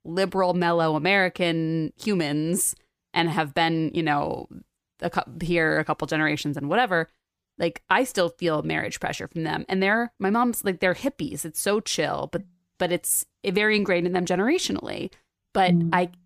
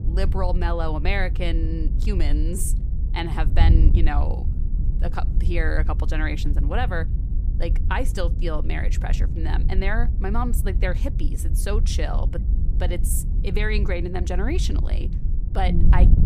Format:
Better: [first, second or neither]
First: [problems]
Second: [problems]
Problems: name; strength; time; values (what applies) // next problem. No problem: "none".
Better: first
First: none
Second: wind noise on the microphone; occasional gusts; 10 dB below the speech